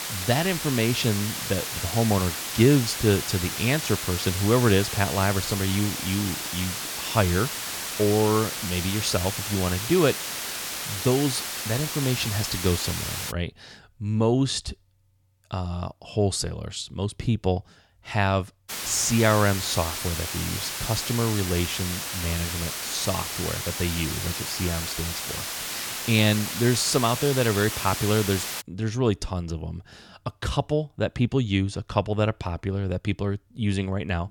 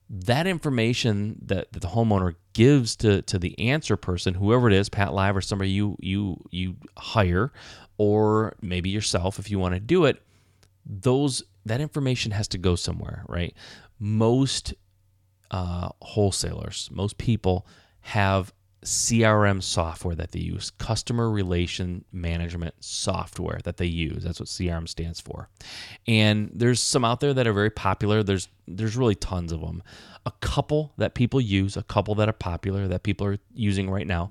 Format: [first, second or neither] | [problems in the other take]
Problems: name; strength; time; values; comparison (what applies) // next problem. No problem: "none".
second | hiss; loud; until 13 s and from 19 to 29 s; 4 dB below the speech